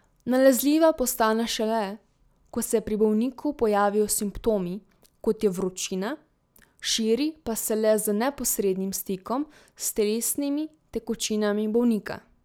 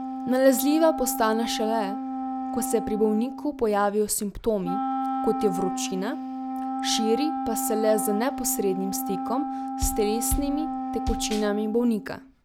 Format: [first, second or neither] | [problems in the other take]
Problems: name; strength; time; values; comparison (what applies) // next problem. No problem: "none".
first | background sound (Bass drum + Wind instrument, woodwind instrument); 4 dB below the speech